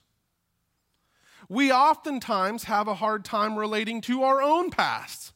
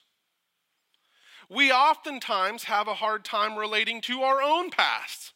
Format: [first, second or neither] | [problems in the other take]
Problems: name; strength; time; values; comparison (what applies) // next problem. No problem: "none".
first | thin; somewhat; fading below 400 Hz